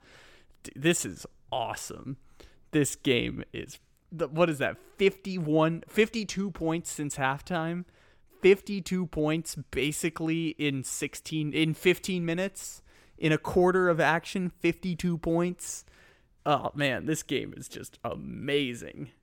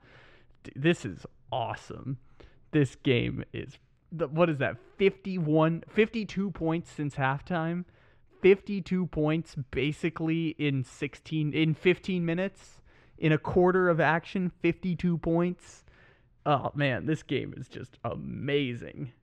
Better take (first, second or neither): first